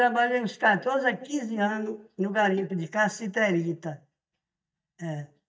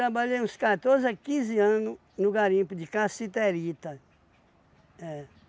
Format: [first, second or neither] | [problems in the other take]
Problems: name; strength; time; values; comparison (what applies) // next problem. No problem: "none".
second | noise reduction (neural mask model DeepFilterNet 3)